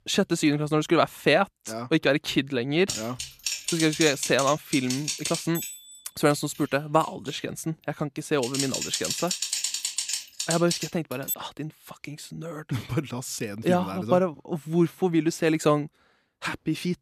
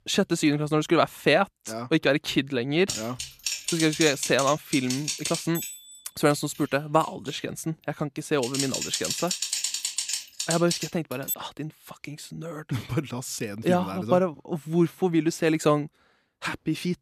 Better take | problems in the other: neither | keyboard typing; noticeable; from 3 to 11 s; peak level with the speech; the same in both

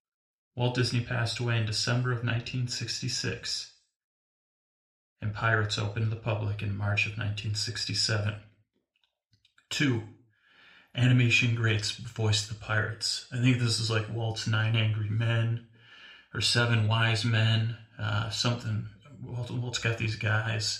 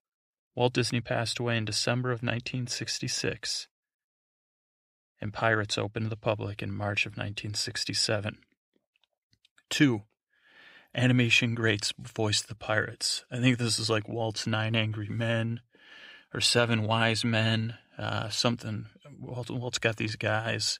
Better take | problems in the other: second | room echo; very slight; dies away in 0.3 s // off-mic speech; somewhat distant

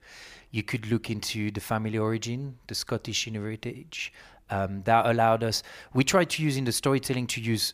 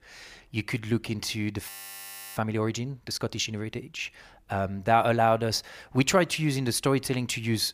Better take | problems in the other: first | audio freezing; at 1.5 s for 0.5 s

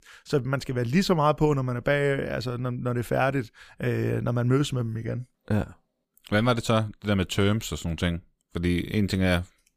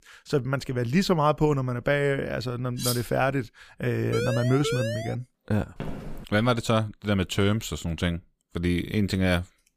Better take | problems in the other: first | clattering dishes; noticeable; at 3 s; peak 4 dB below the speech // siren; noticeable; from 4 to 5 s; peak 3 dB below the speech // footsteps; faint; at 6 s; peak 10 dB below the speech

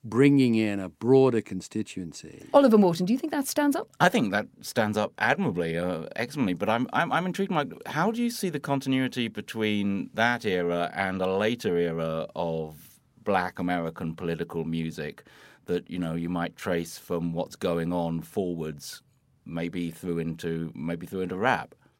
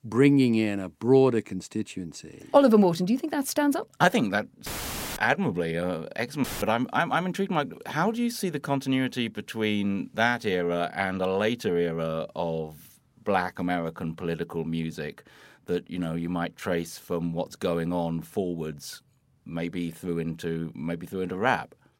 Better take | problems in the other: first | audio cutting out; filled with static; at 4.5 s for 0.5 s and at 6.5 s

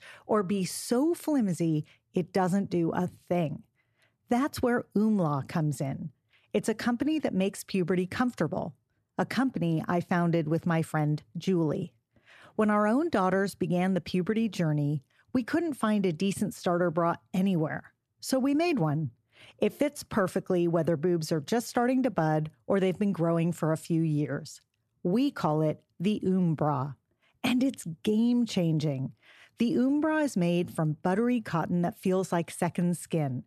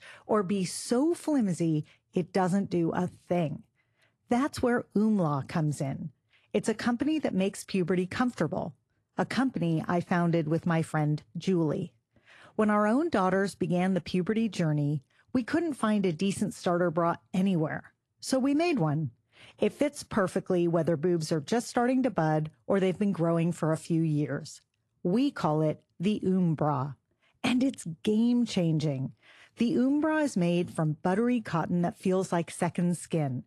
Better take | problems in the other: first | garbled, watery; slightly; nothing above 11 kHz

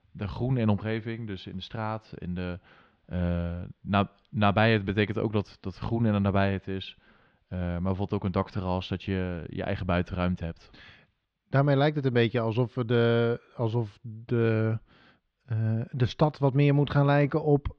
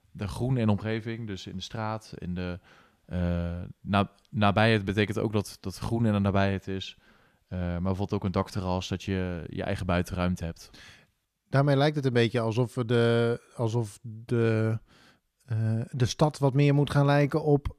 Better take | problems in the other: second | muffled; very slightly; fading above 4 kHz

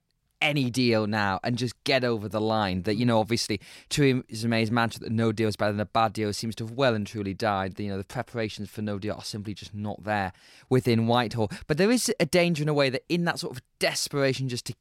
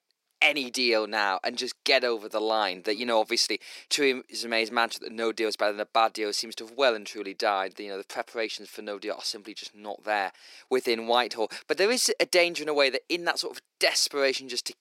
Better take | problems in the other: first | thin; somewhat; fading below 350 Hz

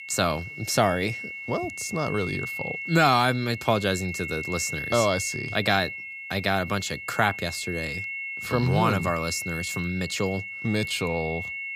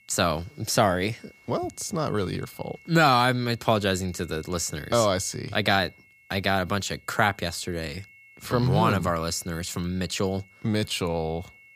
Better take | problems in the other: second | high-pitched whine; loud; throughout; 2 kHz, 7 dB below the speech; faint in the second

